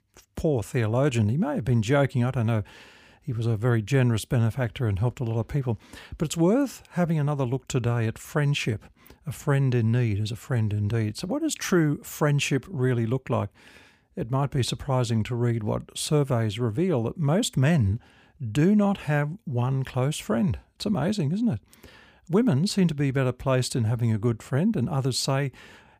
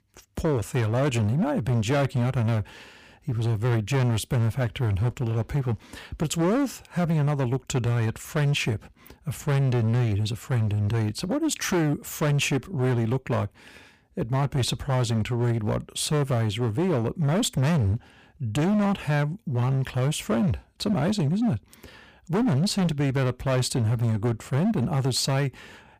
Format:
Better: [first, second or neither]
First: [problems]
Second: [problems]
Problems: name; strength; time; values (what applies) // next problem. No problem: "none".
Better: first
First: none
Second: distortion; slight; 17% of the sound clipped